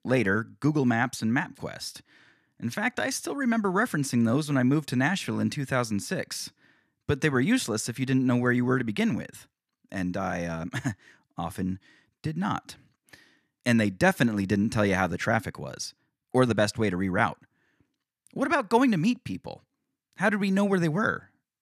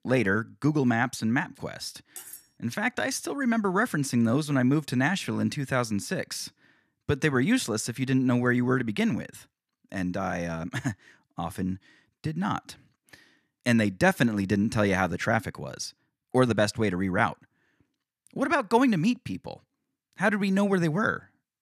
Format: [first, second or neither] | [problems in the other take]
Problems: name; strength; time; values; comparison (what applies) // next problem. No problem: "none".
first | clattering dishes; faint; at 2 s; peak 15 dB below the speech